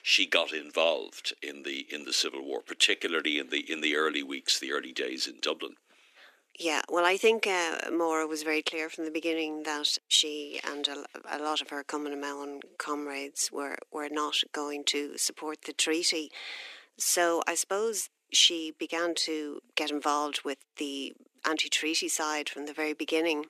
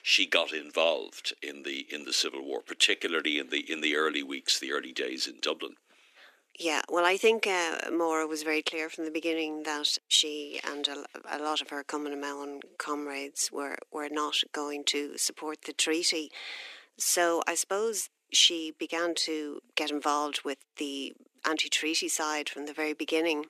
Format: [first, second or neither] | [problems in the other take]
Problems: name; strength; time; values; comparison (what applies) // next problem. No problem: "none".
neither | thin; somewhat; fading below 300 Hz; the same in both